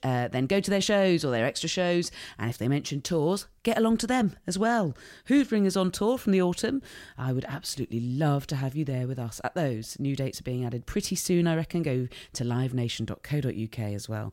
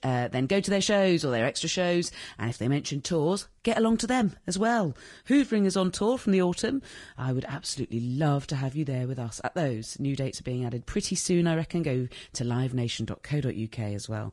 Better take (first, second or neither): first